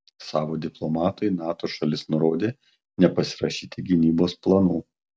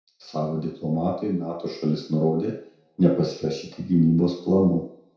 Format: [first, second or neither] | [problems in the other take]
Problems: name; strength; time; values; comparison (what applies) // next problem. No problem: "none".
first | room echo; dies away in 0.6 s